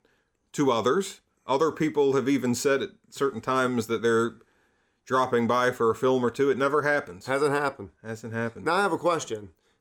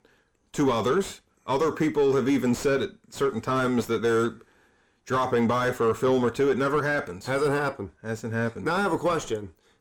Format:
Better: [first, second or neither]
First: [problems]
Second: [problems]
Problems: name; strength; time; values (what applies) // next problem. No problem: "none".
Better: first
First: none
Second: distortion; slight; 10 dB below the speech